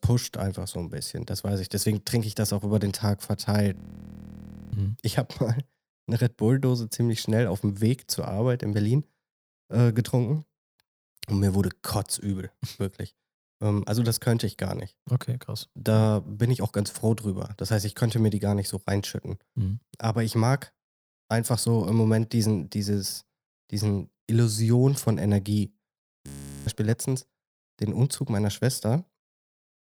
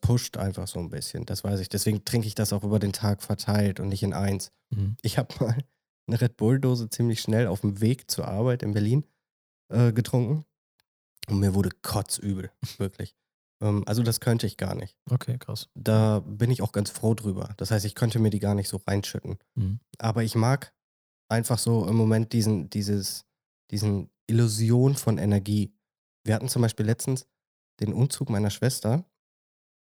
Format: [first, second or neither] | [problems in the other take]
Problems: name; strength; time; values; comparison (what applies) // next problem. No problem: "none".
second | audio freezing; at 4 s for 1 s and at 26 s